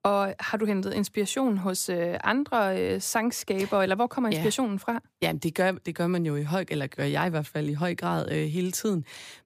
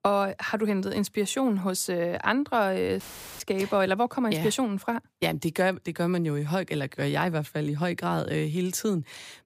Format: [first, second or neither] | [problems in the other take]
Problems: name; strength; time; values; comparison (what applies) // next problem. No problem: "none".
first | audio cutting out; filled with static; at 3 s